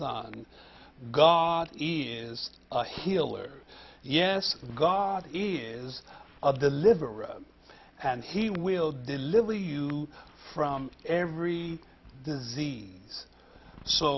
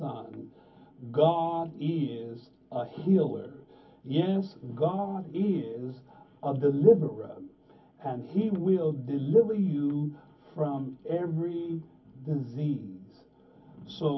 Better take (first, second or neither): first